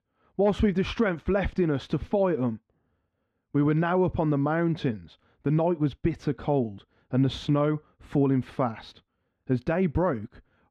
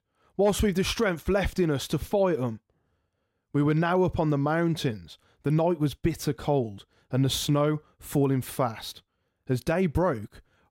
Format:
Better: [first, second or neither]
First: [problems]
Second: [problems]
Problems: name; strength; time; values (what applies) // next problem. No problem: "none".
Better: second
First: muffled; slightly; fading above 2.5 kHz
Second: none